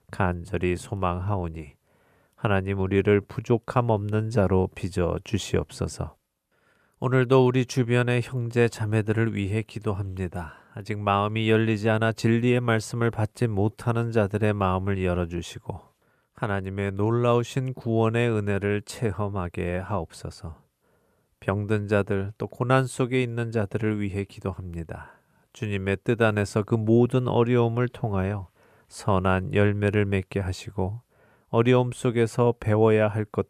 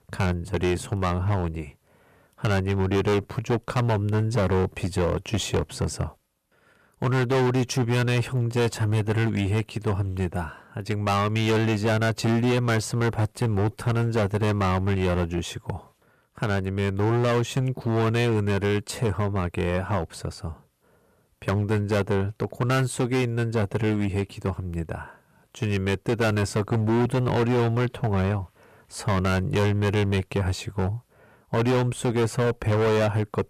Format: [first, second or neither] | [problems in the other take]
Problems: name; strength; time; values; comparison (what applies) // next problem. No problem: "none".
first | distortion; heavy; 15% of the sound clipped